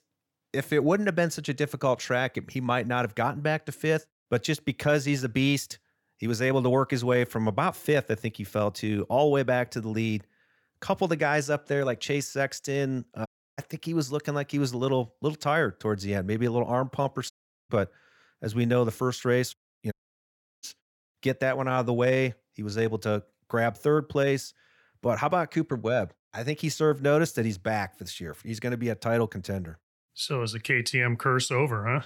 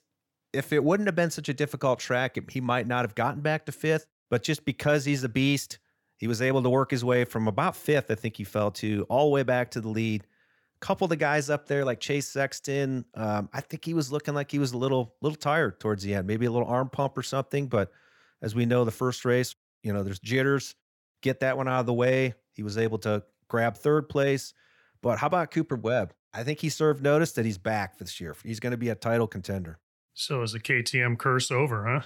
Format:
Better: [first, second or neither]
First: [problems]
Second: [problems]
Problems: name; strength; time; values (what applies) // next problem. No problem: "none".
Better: second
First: audio cutting out; at 13 s, at 17 s and at 20 s for 0.5 s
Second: none